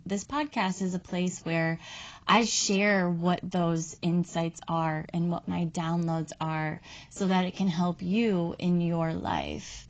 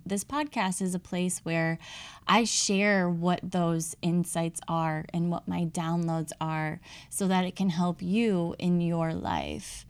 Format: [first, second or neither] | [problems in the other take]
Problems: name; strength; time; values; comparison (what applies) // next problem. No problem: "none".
second | garbled, watery; badly; nothing above 7.5 kHz